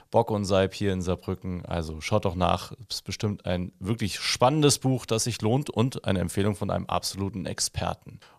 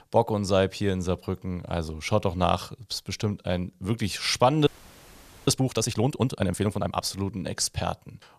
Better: first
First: none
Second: audio freezing; at 4.5 s for 1 s

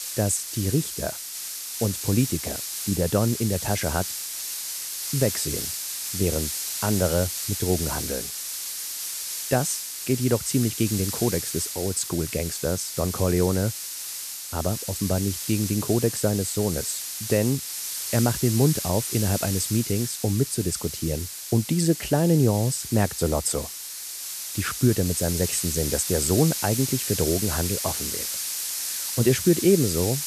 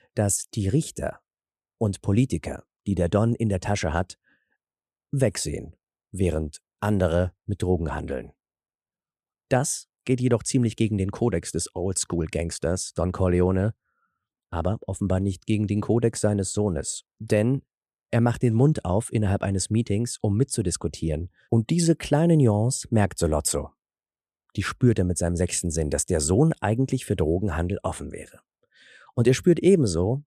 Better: second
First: hiss; loud; throughout; 4 dB below the speech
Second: none

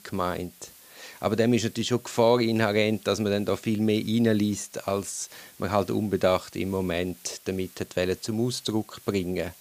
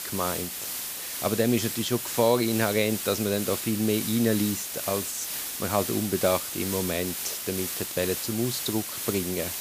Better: first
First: hiss; faint; throughout; 25 dB below the speech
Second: hiss; loud; throughout; 3 dB below the speech

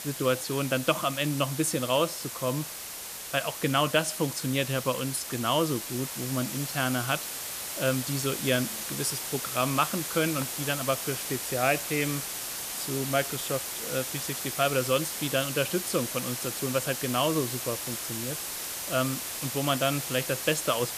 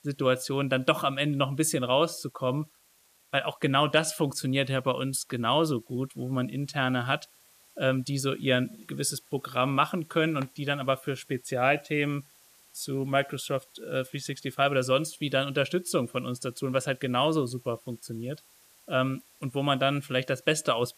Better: second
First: hiss; loud; throughout; 4 dB below the speech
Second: hiss; faint; throughout; 30 dB below the speech

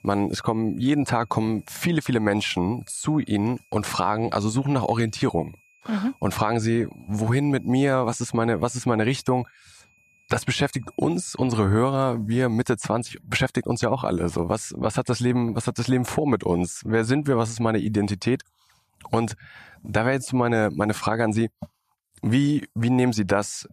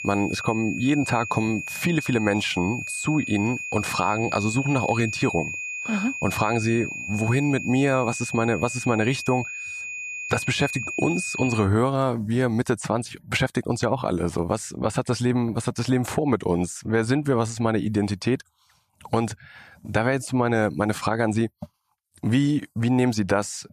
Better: first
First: high-pitched whine; faint; until 12 s; 2.5 kHz, 35 dB below the speech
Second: high-pitched whine; loud; until 12 s; 2.5 kHz, 6 dB below the speech

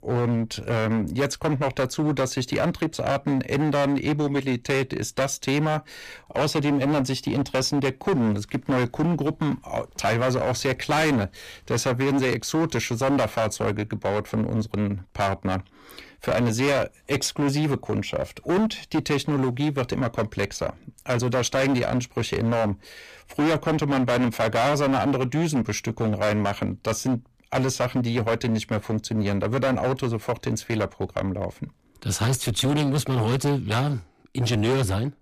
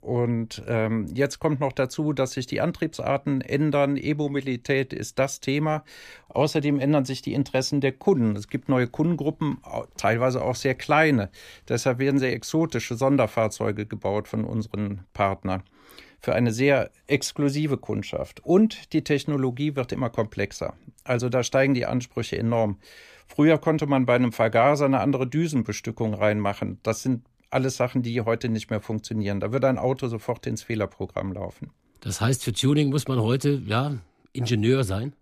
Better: second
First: distortion; heavy; 17% of the sound clipped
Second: none

